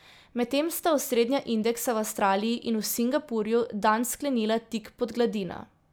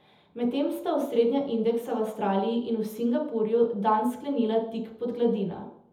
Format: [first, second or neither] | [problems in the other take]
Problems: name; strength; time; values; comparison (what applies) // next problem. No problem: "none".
first | room echo; dies away in 0.7 s